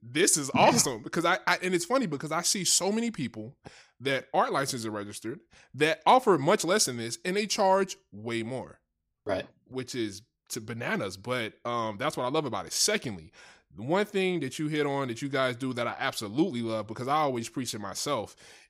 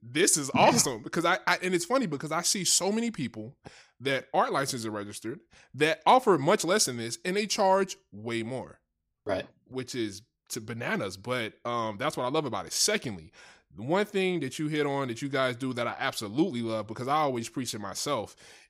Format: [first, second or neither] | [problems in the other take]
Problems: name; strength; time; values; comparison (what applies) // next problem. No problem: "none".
neither | none